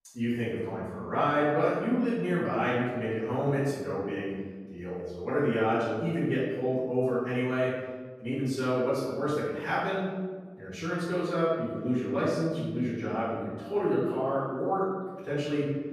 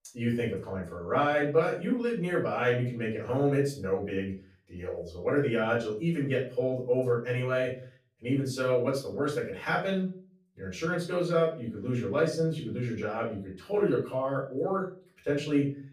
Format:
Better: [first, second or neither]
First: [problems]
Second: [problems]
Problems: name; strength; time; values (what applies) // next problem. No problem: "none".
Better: second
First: room echo; strong; dies away in 1.5 s // off-mic speech; far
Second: room echo; slight; dies away in 0.4 s // off-mic speech; far